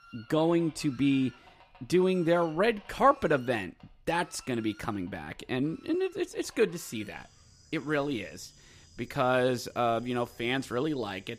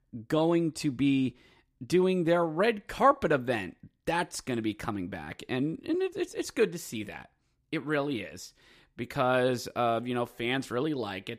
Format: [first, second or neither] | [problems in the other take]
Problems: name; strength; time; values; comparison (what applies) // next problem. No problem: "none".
second | animal sounds; faint; throughout; 25 dB below the speech